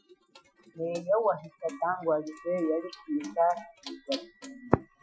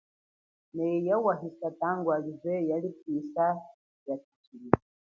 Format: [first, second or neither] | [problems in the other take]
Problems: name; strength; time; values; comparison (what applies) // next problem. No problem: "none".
second | noise reduction (classical method Wiener filter)